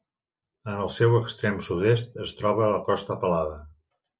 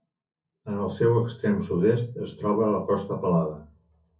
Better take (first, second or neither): first